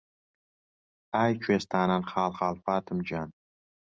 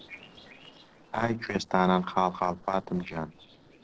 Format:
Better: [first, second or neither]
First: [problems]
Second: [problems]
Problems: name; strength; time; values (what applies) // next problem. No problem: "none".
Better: first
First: none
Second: noise reduction (neural separator model SepFormer DNS4)